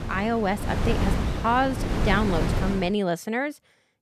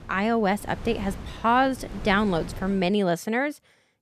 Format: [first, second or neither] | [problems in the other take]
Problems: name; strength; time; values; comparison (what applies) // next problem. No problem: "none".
second | wind noise on the microphone; heavy; until 3 s; 6 dB below the speech; occasional gusts in the second